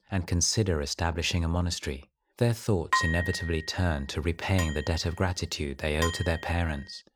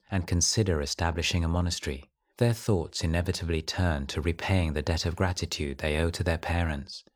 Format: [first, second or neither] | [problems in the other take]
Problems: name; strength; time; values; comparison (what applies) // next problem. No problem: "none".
second | clattering dishes; loud; from 3 to 6 s; peak 2 dB above the speech